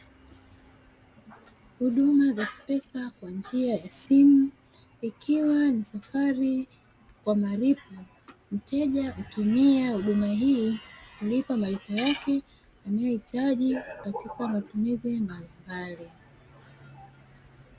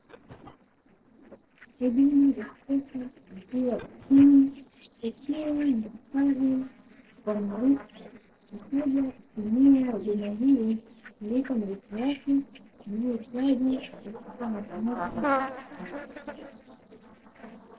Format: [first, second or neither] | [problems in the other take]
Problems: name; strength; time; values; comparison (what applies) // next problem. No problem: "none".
first | noise reduction (neural separator model SepFormer DNS4)